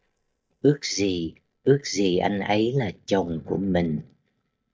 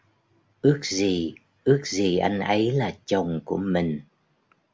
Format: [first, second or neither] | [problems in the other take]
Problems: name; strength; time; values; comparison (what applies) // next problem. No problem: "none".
second | noise reduction (neural mask model DeepFilterNet 3)